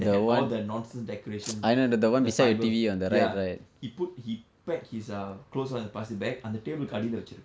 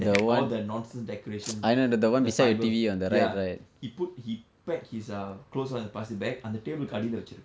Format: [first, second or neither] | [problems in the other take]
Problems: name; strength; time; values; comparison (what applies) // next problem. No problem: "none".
first | background sound (Finger snapping); 14 dB below the speech